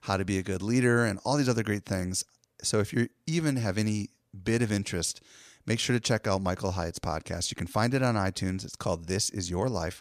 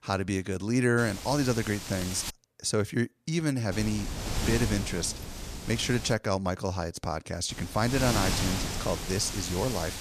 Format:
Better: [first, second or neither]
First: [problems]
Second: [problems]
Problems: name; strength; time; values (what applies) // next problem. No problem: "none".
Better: first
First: none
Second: wind noise on the microphone; heavy; from 1 to 2.5 s, from 3.5 to 6 s and from 7.5 s on; 5 dB below the speech